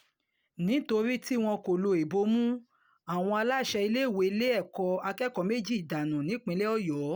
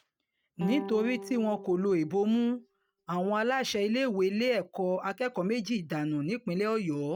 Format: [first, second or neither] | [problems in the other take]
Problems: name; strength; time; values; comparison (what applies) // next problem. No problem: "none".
first | noise reduction (neural mask model RNNoise)